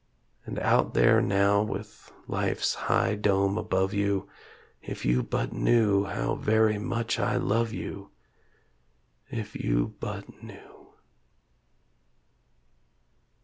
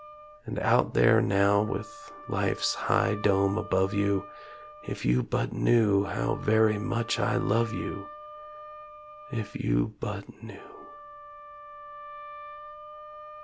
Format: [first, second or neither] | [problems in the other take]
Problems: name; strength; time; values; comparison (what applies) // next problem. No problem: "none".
first | background sound (Wind instrument, woodwind instrument); 16 dB below the speech